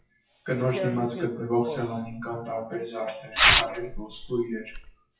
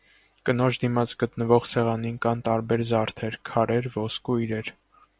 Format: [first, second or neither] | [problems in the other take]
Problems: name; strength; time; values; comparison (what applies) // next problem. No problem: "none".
second | noise reduction (classical method WPE with log-MMSE)